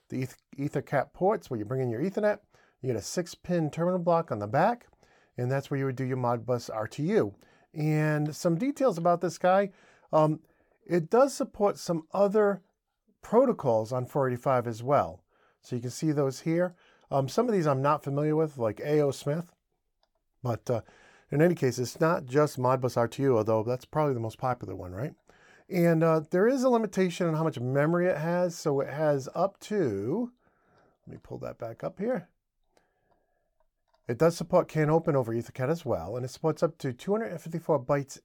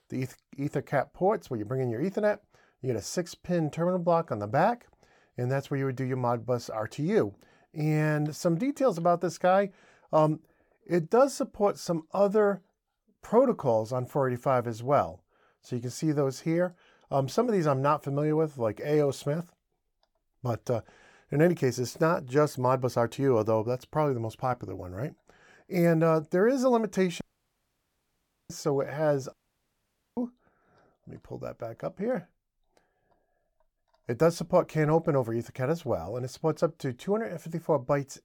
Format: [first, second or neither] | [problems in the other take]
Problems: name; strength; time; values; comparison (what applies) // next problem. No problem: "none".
first | audio cutting out; at 27 s for 1.5 s and at 29 s for 1 s